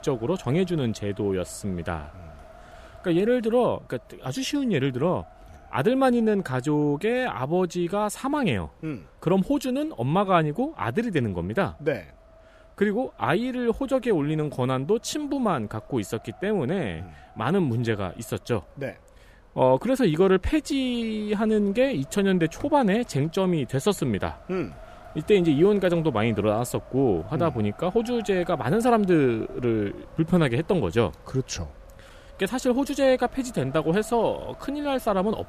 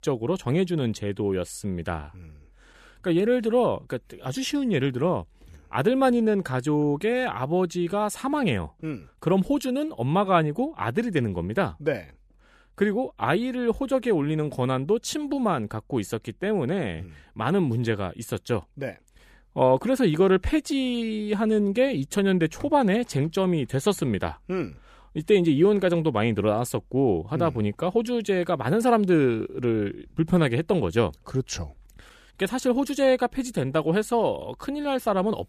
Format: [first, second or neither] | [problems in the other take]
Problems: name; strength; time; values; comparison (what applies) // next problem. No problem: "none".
second | wind noise on the microphone; occasional gusts; 20 dB below the speech